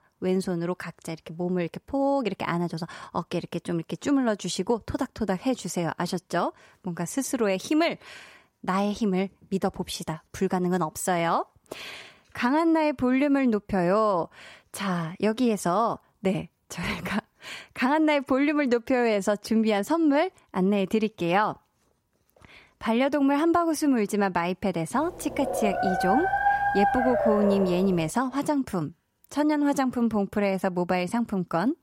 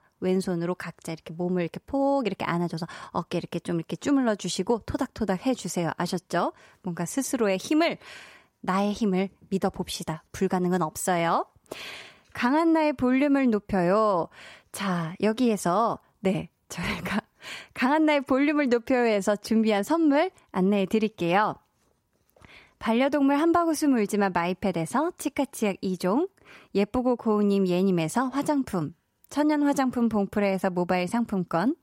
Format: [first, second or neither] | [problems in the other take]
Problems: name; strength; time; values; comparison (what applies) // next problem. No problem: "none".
second | dog barking; loud; from 25 to 28 s; peak 3 dB above the speech